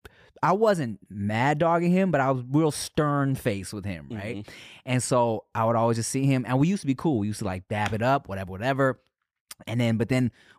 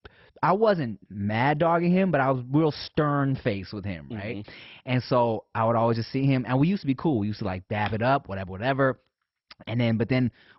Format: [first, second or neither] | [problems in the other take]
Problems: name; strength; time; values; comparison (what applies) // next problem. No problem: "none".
first | garbled, watery; badly; nothing above 5.5 kHz